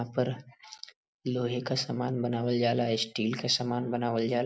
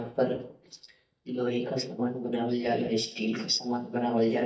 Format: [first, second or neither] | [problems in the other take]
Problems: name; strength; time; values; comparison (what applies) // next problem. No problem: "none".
first | noise reduction (neural mask model DeepFilterNet 3)